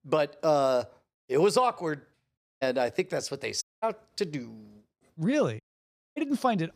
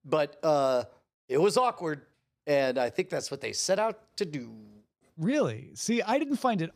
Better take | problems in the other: second | audio cutting out; at 2.5 s, at 3.5 s and at 5.5 s for 0.5 s

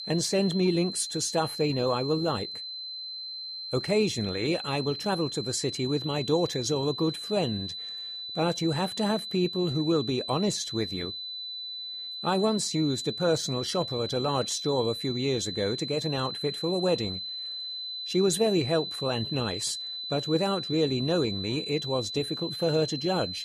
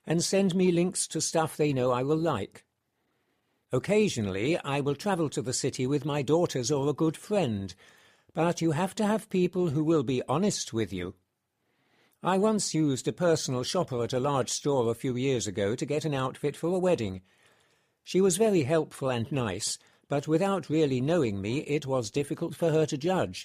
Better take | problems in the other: second | high-pitched whine; loud; throughout; 4 kHz, 6 dB below the speech

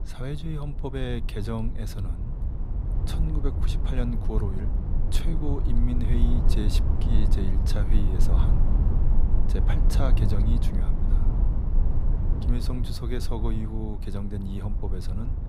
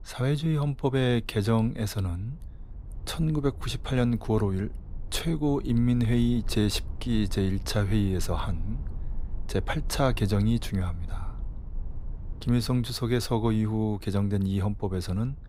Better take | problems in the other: second | low rumble; loud; throughout; 4 dB below the speech; faint in the second

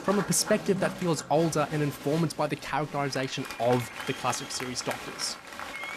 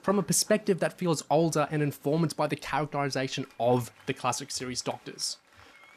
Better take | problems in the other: second | crowd noise; loud; throughout; 10 dB below the speech; faint in the second

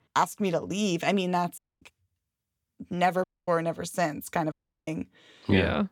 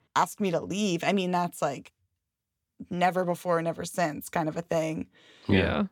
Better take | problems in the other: second | audio cutting out; at 1.5 s, at 3 s and at 4.5 s

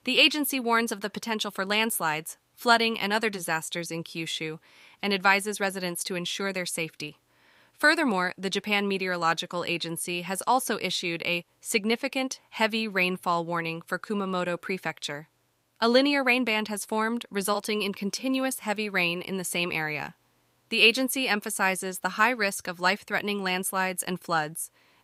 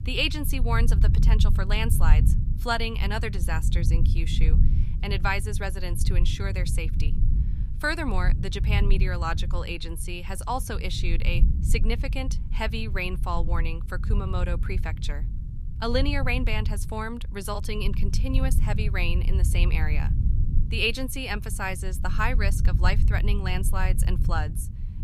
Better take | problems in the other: first | low rumble; noticeable; throughout; 10 dB below the speech

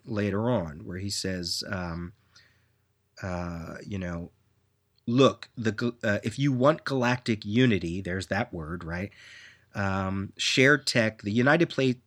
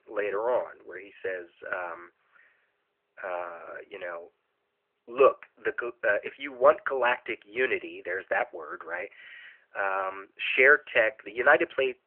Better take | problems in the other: first | phone-call audio

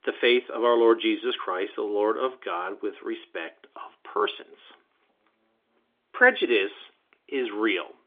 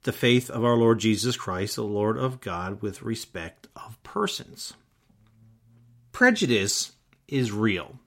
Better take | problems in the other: second | phone-call audio; nothing above 3.5 kHz

